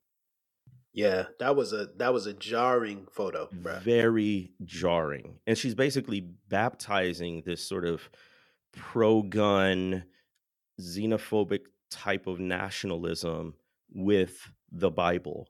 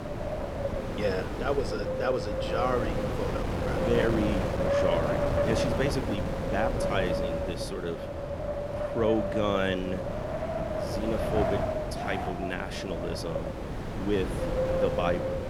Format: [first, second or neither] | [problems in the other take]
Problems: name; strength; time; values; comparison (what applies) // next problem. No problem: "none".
first | wind noise on the microphone; heavy; 1 dB above the speech